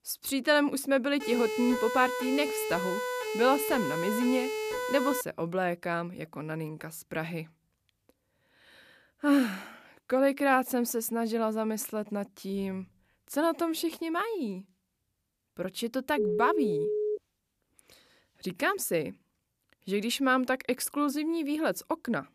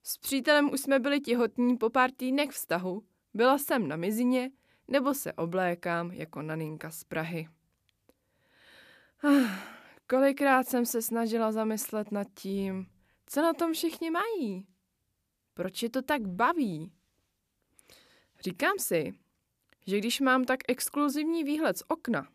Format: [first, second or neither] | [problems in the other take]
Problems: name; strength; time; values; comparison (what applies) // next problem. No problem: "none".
second | siren; noticeable; from 1 to 5 s; peak 3 dB below the speech // phone ringing; loud; from 16 to 17 s; peak level with the speech